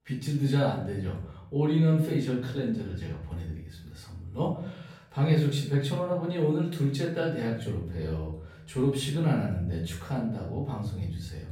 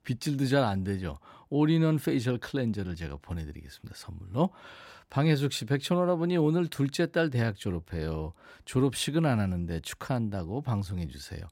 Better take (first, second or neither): second